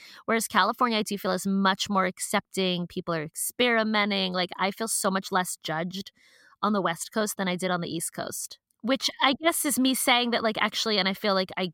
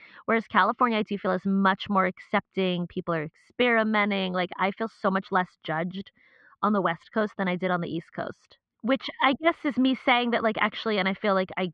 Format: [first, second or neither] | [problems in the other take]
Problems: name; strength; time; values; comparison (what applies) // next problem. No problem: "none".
first | muffled; very; fading above 3 kHz